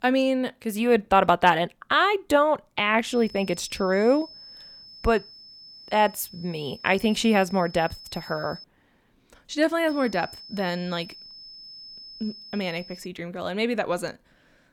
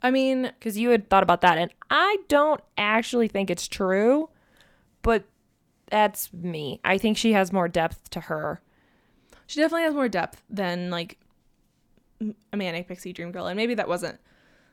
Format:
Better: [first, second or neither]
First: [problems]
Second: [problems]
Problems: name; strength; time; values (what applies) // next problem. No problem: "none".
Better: second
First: high-pitched whine; noticeable; from 3 to 8.5 s and from 10 to 13 s; 5 kHz, 20 dB below the speech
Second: none